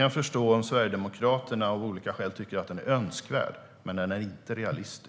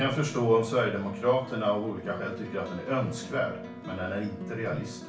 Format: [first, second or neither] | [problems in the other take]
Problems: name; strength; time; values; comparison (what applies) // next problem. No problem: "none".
first | background sound (Plucked string instrument); 13 dB below the speech // room echo; dies away in 0.3 s